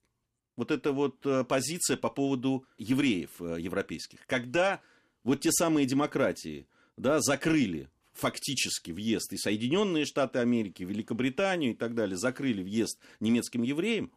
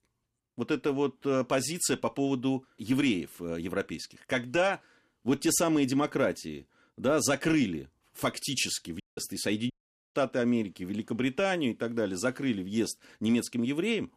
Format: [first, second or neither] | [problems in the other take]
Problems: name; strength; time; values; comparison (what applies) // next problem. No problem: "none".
first | audio cutting out; at 9 s and at 9.5 s